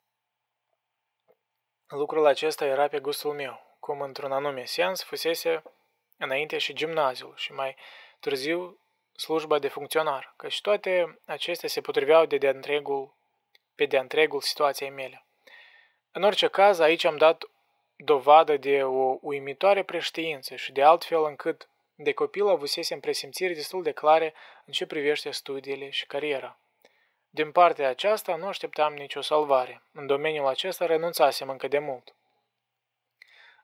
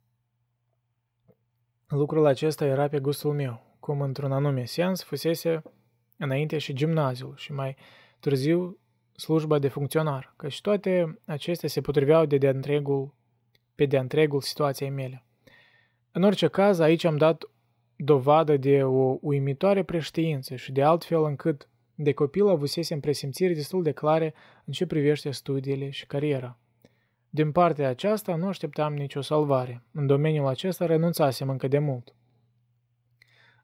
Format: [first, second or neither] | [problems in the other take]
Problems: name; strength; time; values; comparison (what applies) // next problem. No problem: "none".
second | thin; very; fading below 600 Hz